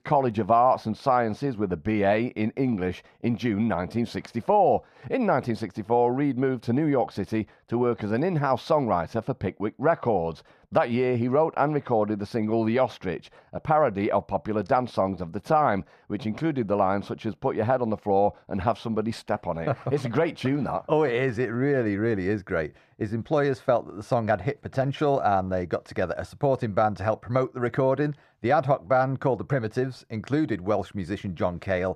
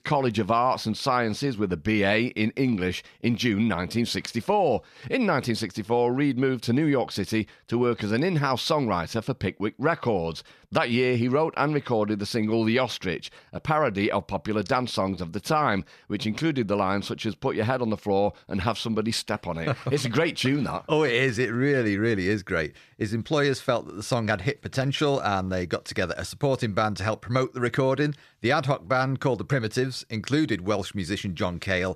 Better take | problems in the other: second | muffled; very; fading above 2 kHz

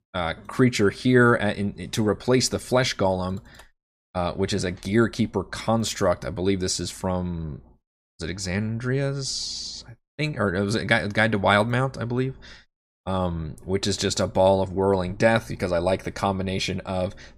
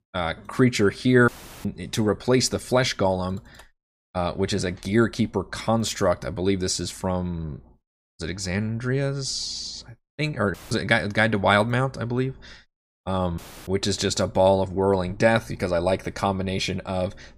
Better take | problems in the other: first | audio cutting out; filled with static; at 1.5 s, at 11 s and at 13 s

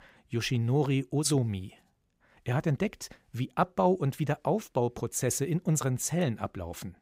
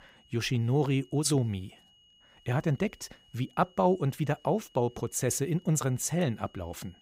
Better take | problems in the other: first | high-pitched whine; faint; throughout; 3 kHz, 30 dB below the speech

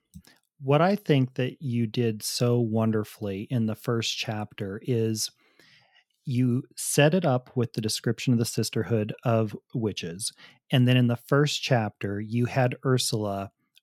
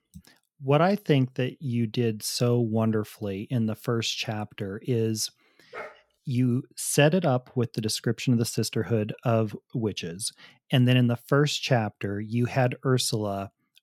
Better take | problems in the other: first | dog barking; faint; at 5.5 s; peak 15 dB below the speech

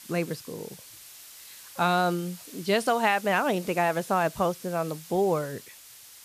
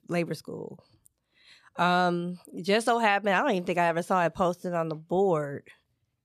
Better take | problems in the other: second | hiss; noticeable; throughout; 15 dB below the speech

